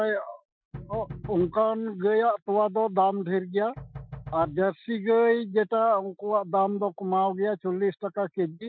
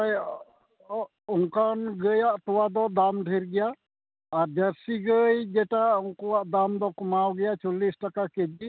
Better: second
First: noise reduction (classical method Wiener filter)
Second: none

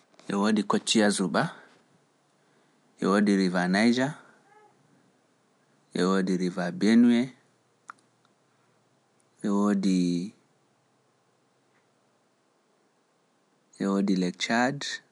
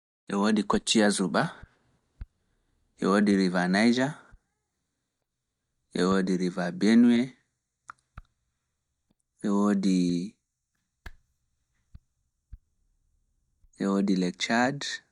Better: first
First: none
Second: noise reduction (neural mask model DeepFilterNet 3)

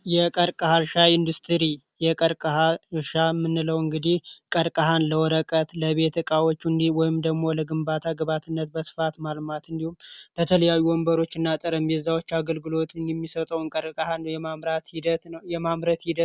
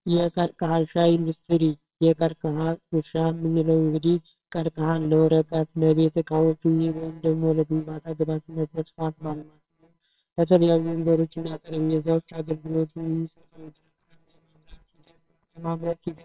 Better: first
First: none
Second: noise reduction (neural separator model SepFormer WHAMR!)

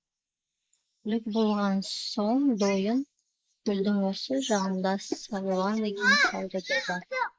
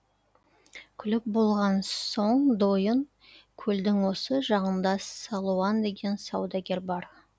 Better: second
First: noise reduction (neural mask model Resemble Enhance denoiser)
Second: none

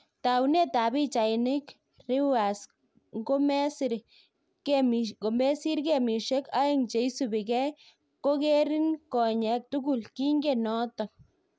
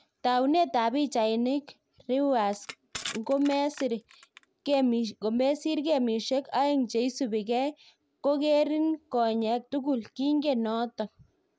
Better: first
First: none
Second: background sound (Crushing); 17 dB below the speech

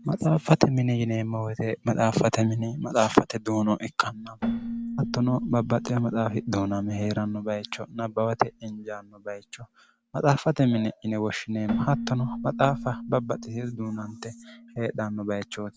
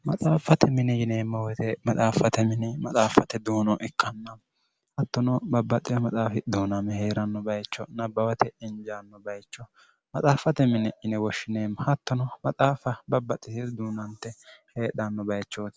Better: second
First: background sound (Keyboard (musical)); 12 dB below the speech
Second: none

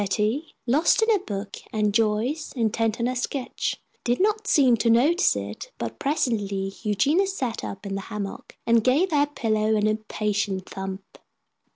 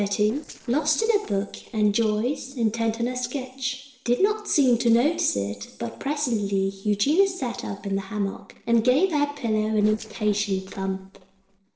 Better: first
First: none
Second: noise reduction (neural separator model SepFormer DNS4)

